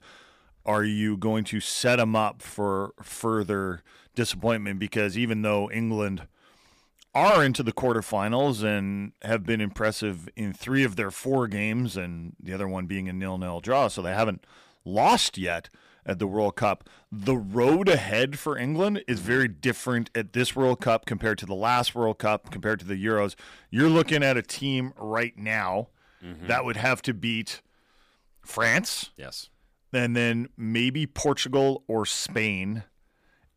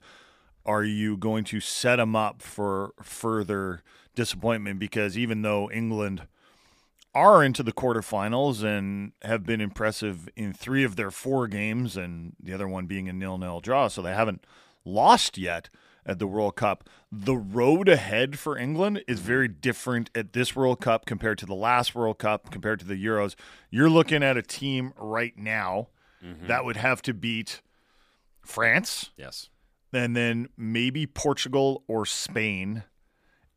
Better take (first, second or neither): second